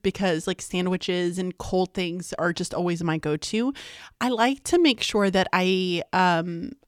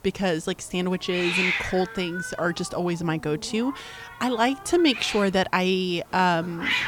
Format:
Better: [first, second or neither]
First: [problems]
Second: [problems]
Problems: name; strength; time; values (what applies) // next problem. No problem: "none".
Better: first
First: none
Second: hiss; loud; throughout; 5 dB below the speech